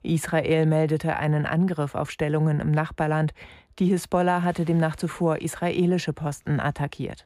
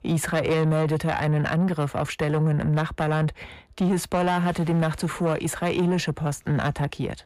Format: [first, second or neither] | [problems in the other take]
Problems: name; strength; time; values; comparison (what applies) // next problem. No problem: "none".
first | distortion; slight; 10 dB below the speech